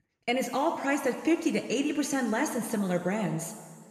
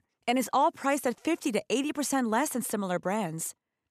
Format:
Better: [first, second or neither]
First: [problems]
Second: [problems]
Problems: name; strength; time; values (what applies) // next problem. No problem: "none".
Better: second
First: room echo; slight; dies away in 2 s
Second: none